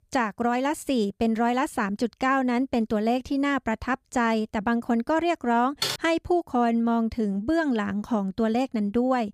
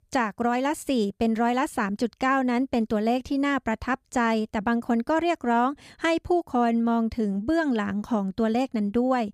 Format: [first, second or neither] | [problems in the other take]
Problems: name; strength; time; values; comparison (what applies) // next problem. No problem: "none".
second | keyboard typing; noticeable; at 6 s; peak 3 dB below the speech